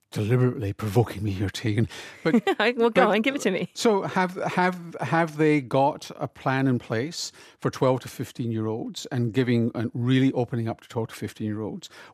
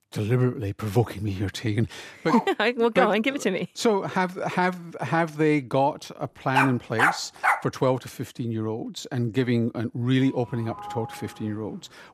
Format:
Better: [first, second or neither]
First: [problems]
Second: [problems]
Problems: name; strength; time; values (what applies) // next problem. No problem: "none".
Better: first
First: none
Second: dog barking; noticeable; at 2.5 s; peak 3 dB below the speech // dog barking; loud; from 6.5 to 7.5 s; peak 3 dB above the speech // doorbell; faint; from 10 s on; peak 10 dB below the speech